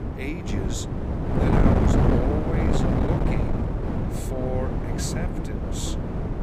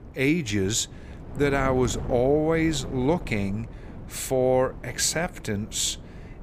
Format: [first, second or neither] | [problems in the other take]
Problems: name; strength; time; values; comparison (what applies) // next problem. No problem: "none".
second | wind noise on the microphone; heavy; 5 dB above the speech; occasional gusts in the second